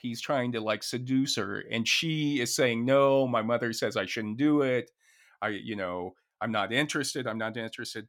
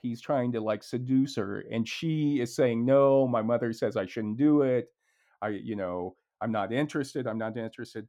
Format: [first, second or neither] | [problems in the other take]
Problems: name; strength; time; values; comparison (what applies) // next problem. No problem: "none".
first | muffled; slightly; fading above 1.5 kHz